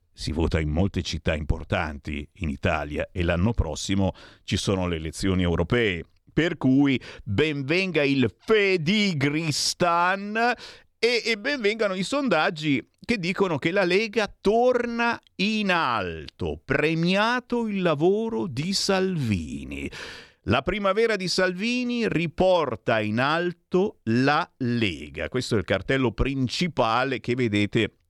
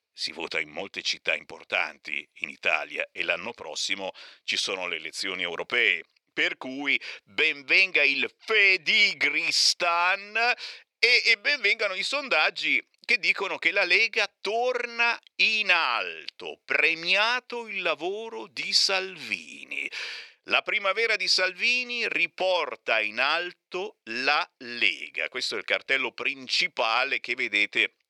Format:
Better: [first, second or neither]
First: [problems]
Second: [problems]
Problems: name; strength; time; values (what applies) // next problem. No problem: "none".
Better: first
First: none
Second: thin; very; fading below 600 Hz